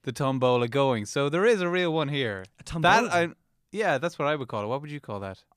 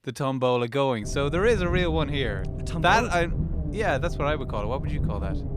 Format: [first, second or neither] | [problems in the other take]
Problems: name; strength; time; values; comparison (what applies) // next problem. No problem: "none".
first | low rumble; noticeable; from 1 s on; 15 dB below the speech